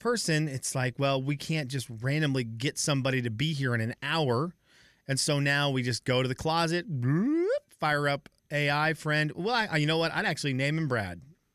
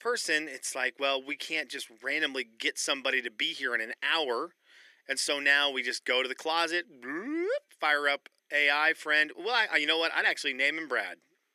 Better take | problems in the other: first | thin; very; fading below 300 Hz

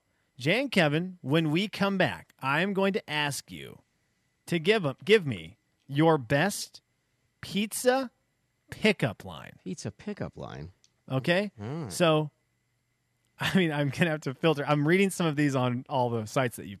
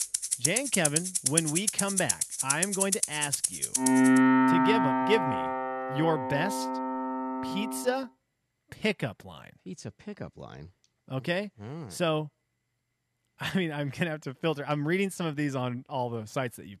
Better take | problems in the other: first | background music; very loud; until 8 s; 5 dB above the speech

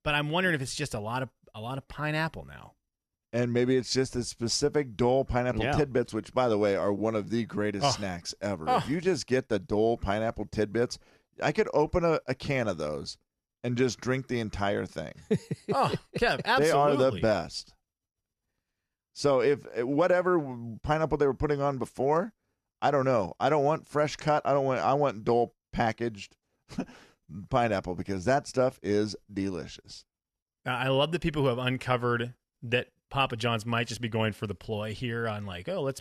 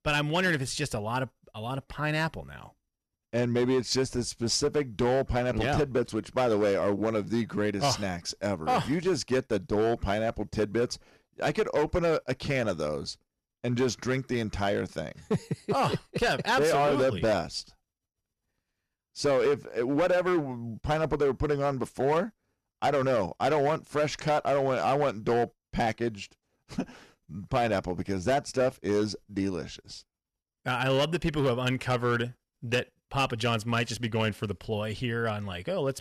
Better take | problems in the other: first | distortion; slight; 7% of the sound clipped

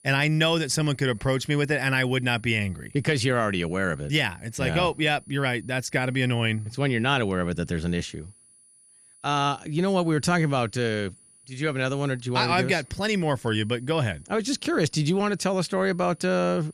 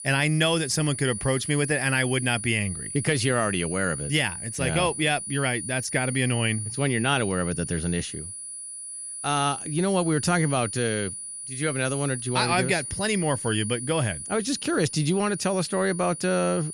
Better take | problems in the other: first | high-pitched whine; loud; throughout; 9.5 kHz, 7 dB below the speech; faint in the first

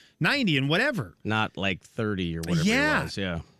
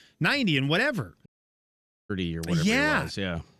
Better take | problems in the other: first | audio cutting out; at 1.5 s for 1 s

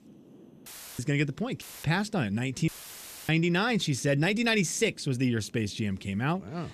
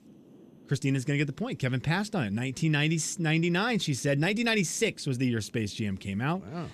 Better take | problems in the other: second | audio cutting out; filled with static; at 0.5 s, at 1.5 s and at 2.5 s for 0.5 s

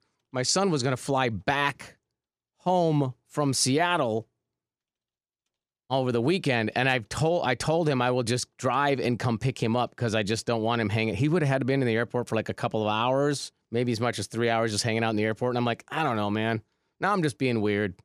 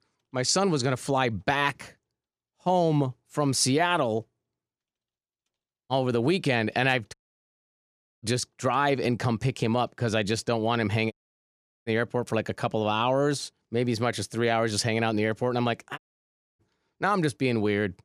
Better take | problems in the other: first | audio cutting out; at 7 s for 1 s, at 11 s for 0.5 s and at 16 s for 0.5 s

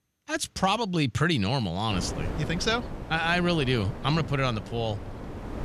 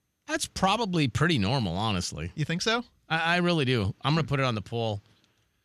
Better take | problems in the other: second | wind noise on the microphone; occasional gusts; from 2 s on; 15 dB below the speech

